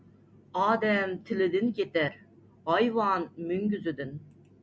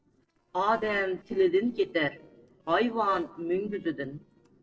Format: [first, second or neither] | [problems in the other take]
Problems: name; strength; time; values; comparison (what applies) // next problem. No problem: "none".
first | noise reduction (neural separator model SepFormer DNS4)